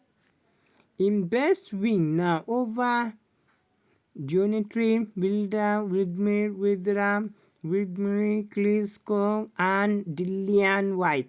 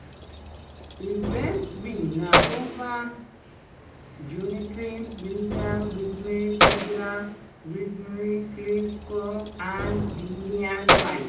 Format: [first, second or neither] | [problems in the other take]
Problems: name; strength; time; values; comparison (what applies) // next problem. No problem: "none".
first | background sound (Keys jangling); 2 dB above the speech // room echo; dies away in 0.6 s